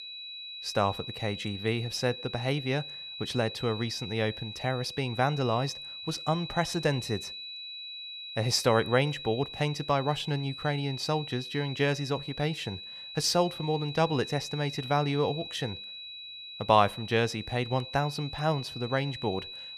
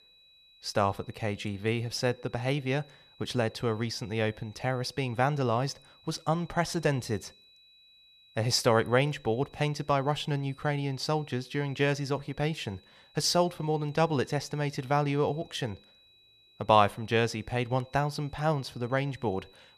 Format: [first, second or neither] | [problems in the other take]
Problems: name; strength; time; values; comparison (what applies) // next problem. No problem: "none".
second | high-pitched whine; loud; throughout; 4 kHz, 9 dB below the speech; faint in the second